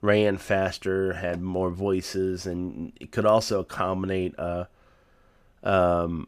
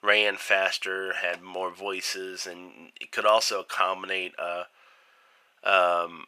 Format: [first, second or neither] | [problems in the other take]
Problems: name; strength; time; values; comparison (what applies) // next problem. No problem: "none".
first | thin; very; fading below 850 Hz